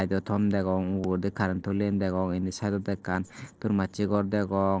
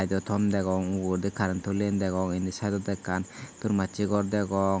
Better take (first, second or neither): second